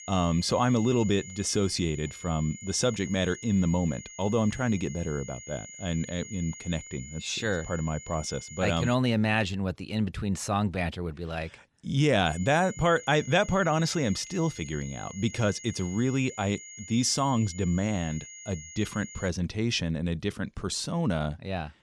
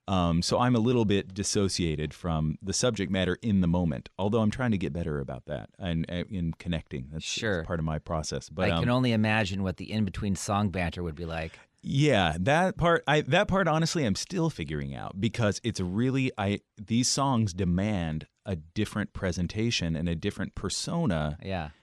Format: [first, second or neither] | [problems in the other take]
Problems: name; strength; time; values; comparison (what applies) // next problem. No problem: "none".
second | high-pitched whine; noticeable; until 9 s and from 12 to 19 s; 6.5 kHz, 15 dB below the speech